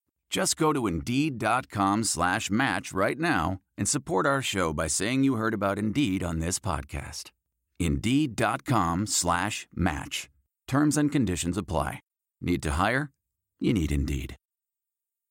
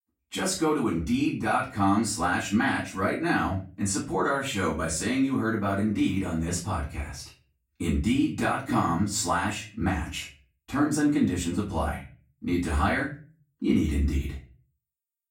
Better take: first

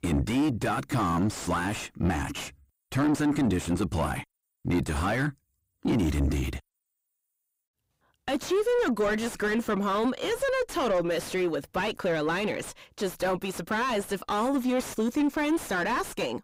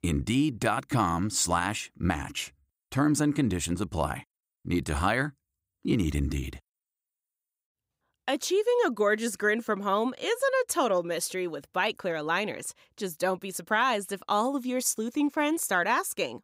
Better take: second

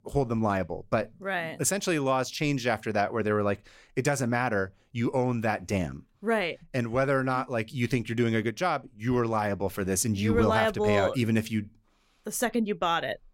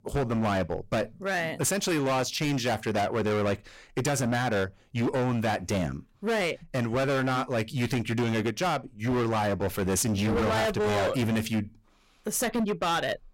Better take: first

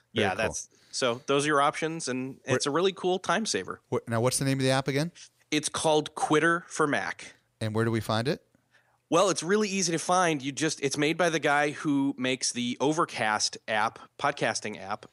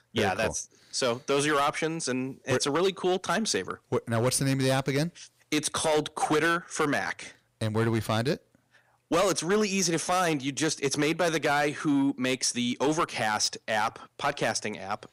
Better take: first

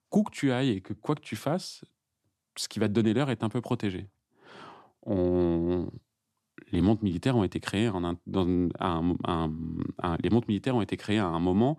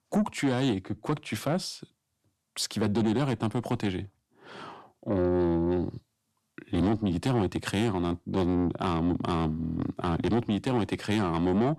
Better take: first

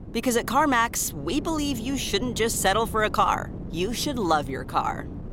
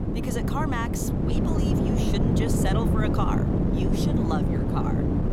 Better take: first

